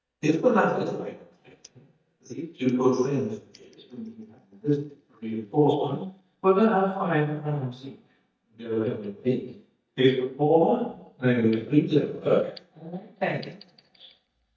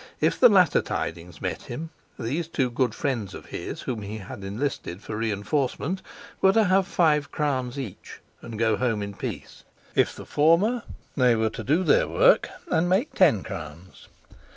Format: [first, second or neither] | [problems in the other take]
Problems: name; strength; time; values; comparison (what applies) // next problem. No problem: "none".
second | noise reduction (neural mask model DeepFilterNet 3)